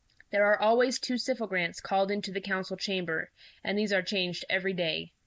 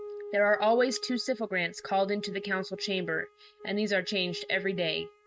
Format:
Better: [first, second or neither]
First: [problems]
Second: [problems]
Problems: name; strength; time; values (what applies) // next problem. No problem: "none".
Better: first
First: none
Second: noise reduction (neural mask model RNNoise)